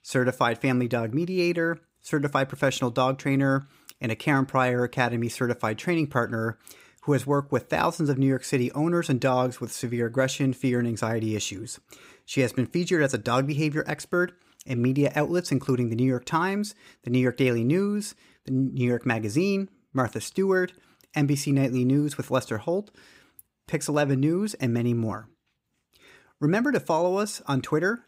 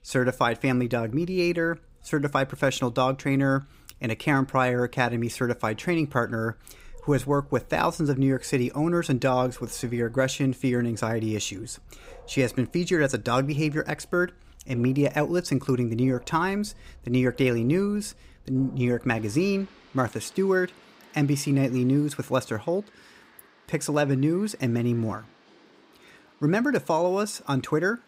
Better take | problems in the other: first | animal sounds; faint; throughout; 30 dB below the speech

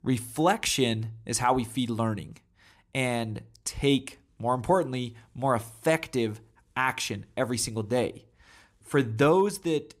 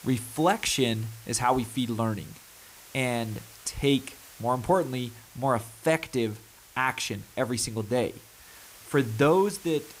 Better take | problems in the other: first | hiss; noticeable; throughout; 20 dB below the speech

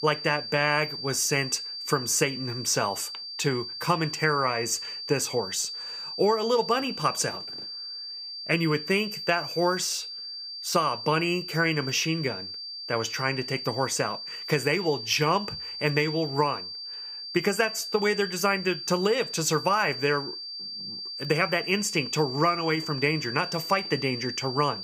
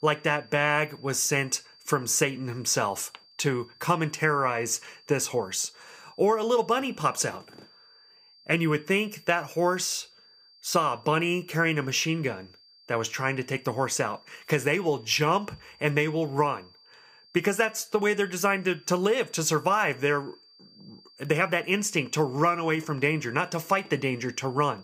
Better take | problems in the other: second | high-pitched whine; loud; throughout; 4.5 kHz, 7 dB below the speech; faint in the second

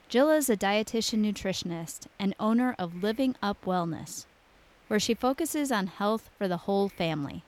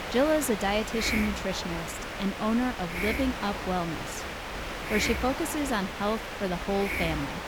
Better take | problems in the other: first | hiss; loud; throughout; 3 dB below the speech; faint in the first

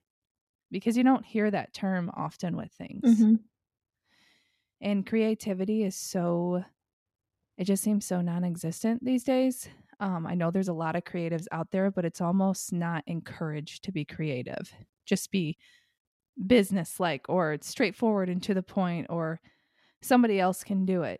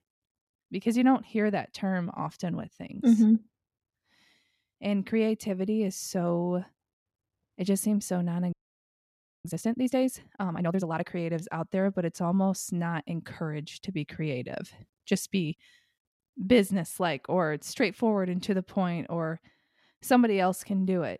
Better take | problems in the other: first | audio freezing; at 8.5 s for 1 s

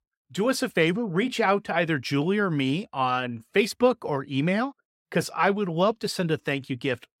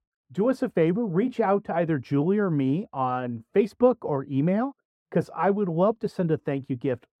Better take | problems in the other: first | muffled; very; fading above 1.5 kHz

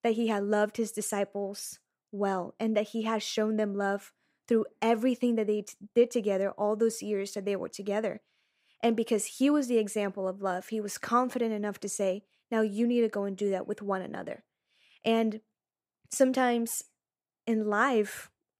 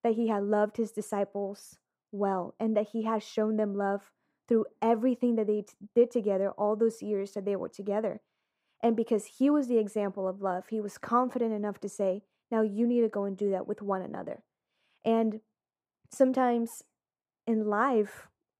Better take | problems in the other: first | muffled; slightly; fading above 1.5 kHz

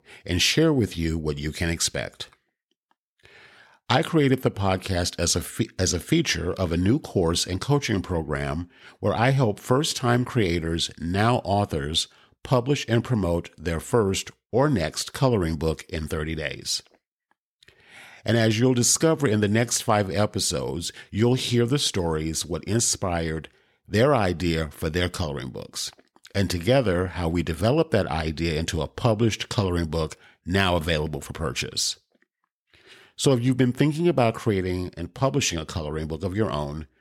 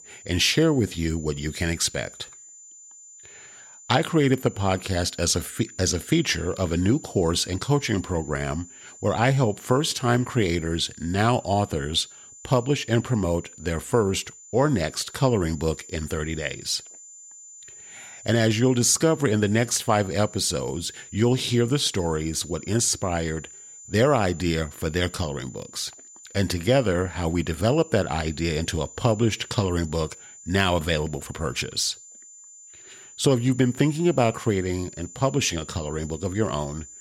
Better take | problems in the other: first | high-pitched whine; noticeable; throughout; 7 kHz, 20 dB below the speech

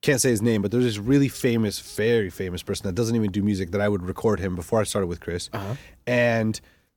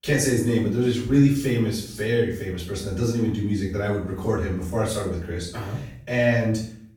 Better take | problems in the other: first | off-mic speech; far // room echo; noticeable; dies away in 0.5 s

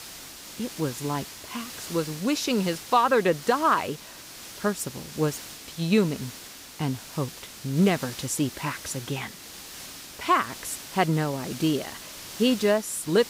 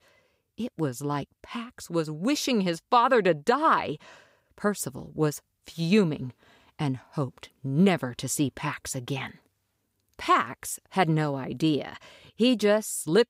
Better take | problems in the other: second | hiss; noticeable; throughout; 15 dB below the speech

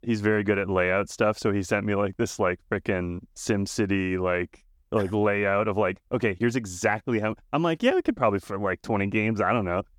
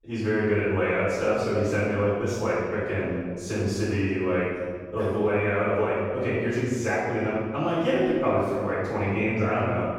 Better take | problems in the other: first | off-mic speech; far // room echo; strong; dies away in 1.6 s

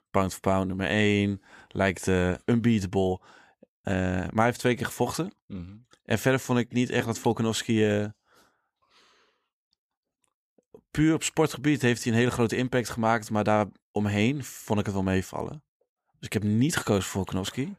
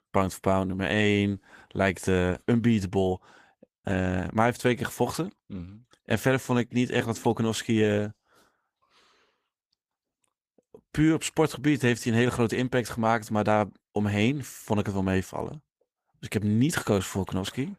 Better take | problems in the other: first | garbled, watery; slightly; nothing above 14.5 kHz

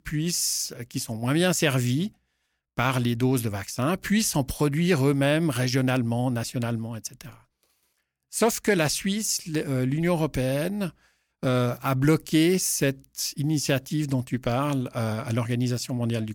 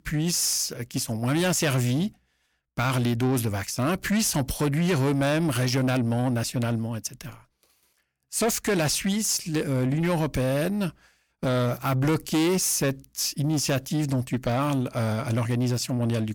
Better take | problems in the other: first | distortion; slight; 10 dB below the speech

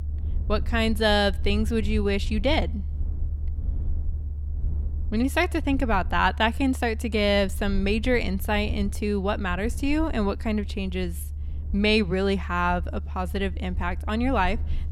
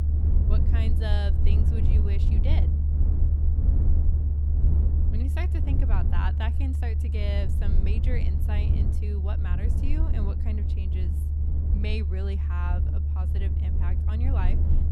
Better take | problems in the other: first | low rumble; loud; throughout; 1 dB below the speech; faint in the first

